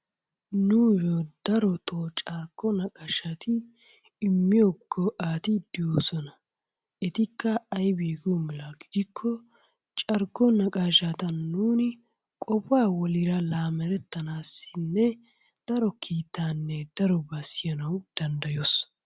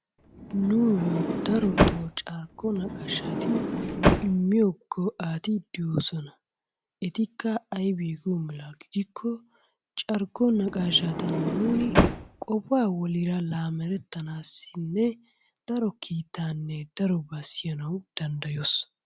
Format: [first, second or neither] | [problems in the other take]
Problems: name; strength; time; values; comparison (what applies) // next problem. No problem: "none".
first | background sound (Sliding door); 1 dB above the speech